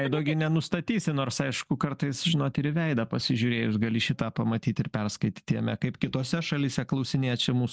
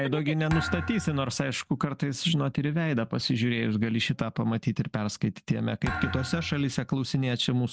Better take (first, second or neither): first